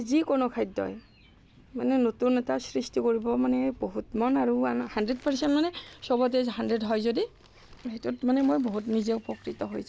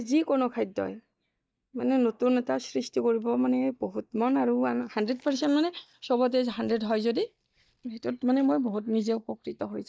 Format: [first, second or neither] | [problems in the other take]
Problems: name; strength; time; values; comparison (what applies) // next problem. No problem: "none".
first | noise reduction (neural mask model DeepFilterNet 3)